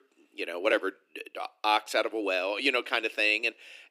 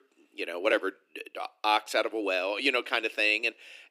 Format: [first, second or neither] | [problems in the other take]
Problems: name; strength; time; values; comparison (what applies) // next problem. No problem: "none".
neither | thin; somewhat; fading below 300 Hz; the same in both